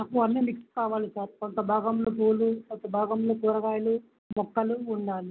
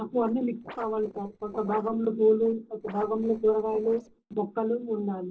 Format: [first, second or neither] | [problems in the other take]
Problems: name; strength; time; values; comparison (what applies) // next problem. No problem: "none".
first | noise reduction (neural separator model SepFormer DNS4)